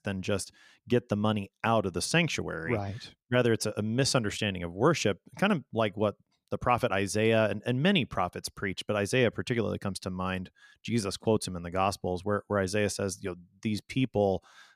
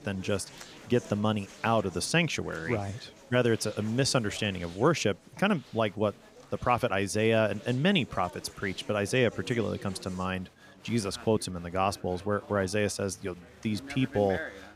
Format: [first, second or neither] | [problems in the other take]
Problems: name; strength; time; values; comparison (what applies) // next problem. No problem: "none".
first | crowd noise; noticeable; throughout; 20 dB below the speech